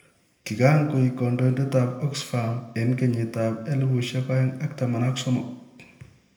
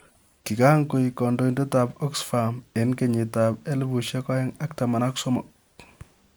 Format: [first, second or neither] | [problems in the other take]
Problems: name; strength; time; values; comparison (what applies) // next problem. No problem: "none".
second | room echo; dies away in 0.7 s